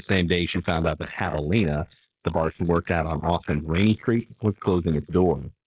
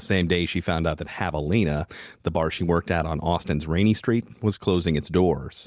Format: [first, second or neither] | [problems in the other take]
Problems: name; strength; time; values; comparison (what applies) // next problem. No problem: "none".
second | noise reduction (neural mask model Resemble Enhance denoiser)